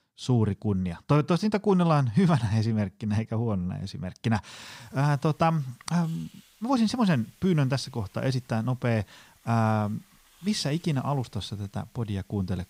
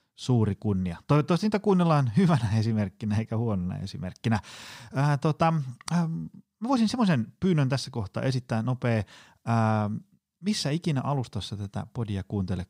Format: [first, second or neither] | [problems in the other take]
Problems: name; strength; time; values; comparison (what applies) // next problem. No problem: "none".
second | hiss; faint; from 5 s on; 30 dB below the speech